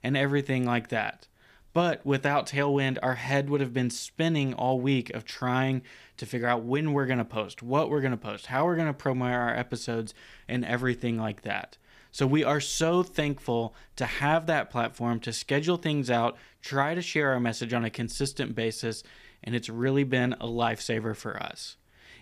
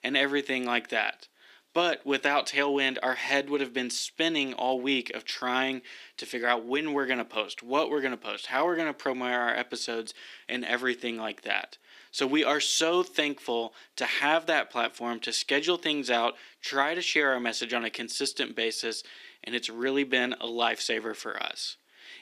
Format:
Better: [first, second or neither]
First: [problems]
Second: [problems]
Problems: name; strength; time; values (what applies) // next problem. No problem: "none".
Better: first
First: none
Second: thin; very slightly; fading below 300 Hz